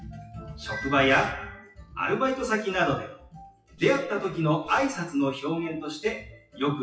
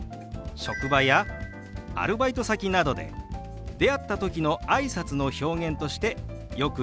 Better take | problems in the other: second | noise reduction (classical method WPE with log-MMSE)

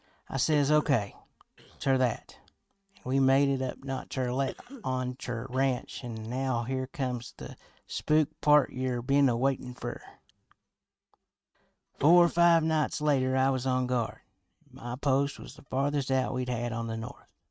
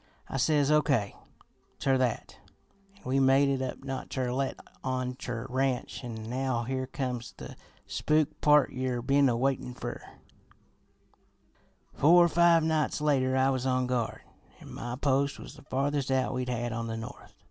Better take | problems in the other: second | noise reduction (neural mask model RNNoise)

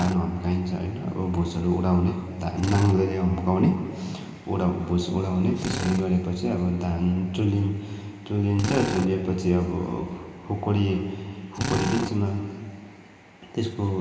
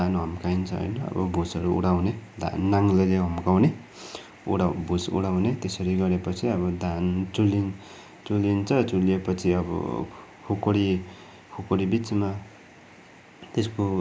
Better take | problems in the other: second | background sound (Drill); 13 dB below the speech // room echo; dies away in 2.5 s

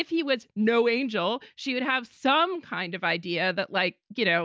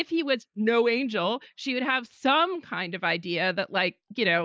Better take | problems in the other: first | noise reduction (neural mask model Resemble Enhance denoiser)

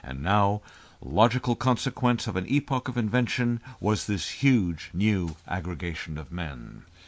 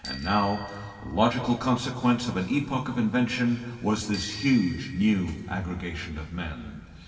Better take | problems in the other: first | background sound (Bicycle bell); 19 dB below the speech // room echo; dies away in 2.3 s

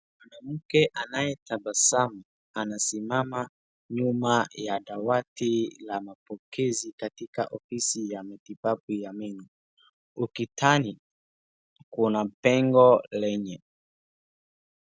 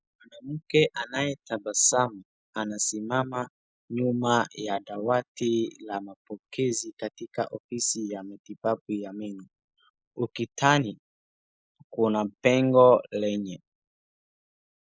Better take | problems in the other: first | noise reduction (neural mask model Resemble Enhance denoiser)

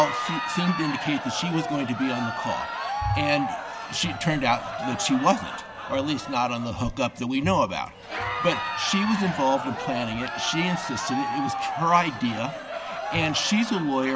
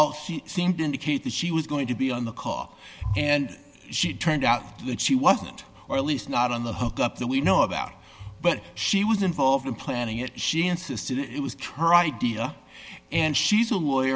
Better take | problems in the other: second | background sound (Crowd); 6 dB below the speech

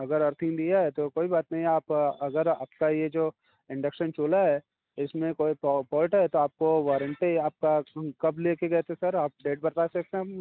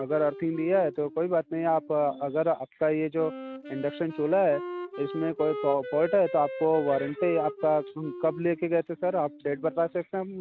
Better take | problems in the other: first | background sound (Wind instrument, woodwind instrument); 12 dB below the speech

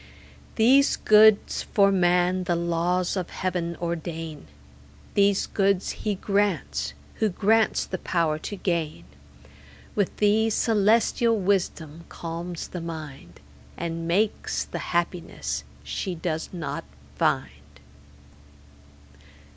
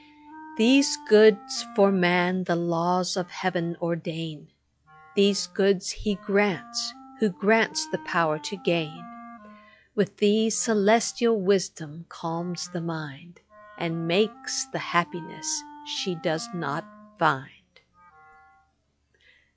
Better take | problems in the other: first | noise reduction (classical method log-MMSE)

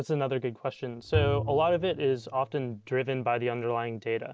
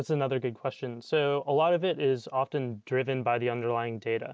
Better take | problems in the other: second | background sound (Bowed string instrument); 7 dB below the speech

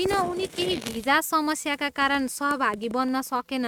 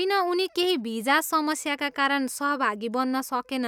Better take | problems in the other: second | noise reduction (neural mask model RNNoise)

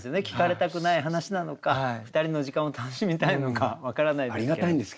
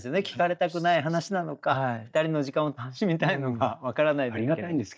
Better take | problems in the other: first | noise reduction (neural mask model DeepFilterNet 3)

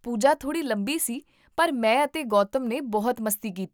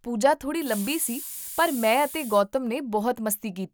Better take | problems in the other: first | background sound (Hiss); 12 dB below the speech

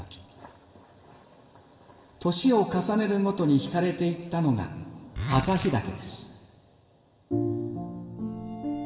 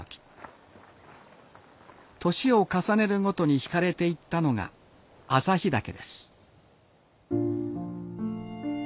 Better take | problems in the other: second | background sound (Zipper (clothing)); 6 dB below the speech // room echo; dies away in 1.6 s

